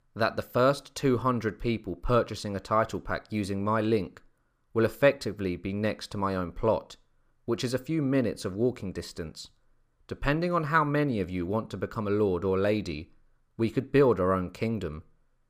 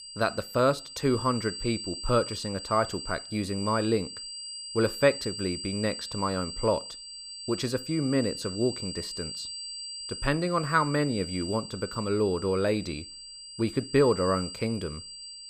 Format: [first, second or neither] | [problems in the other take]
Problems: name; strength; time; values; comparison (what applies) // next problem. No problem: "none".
first | high-pitched whine; loud; throughout; 4.5 kHz, 9 dB below the speech